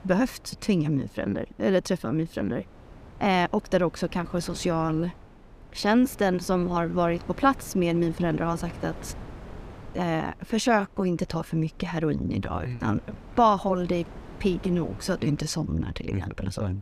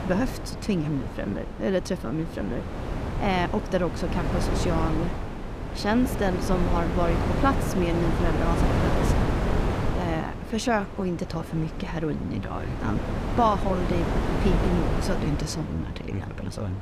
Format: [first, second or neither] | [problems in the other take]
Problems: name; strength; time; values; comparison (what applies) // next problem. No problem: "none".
first | wind noise on the microphone; heavy; 3 dB below the speech; occasional gusts in the first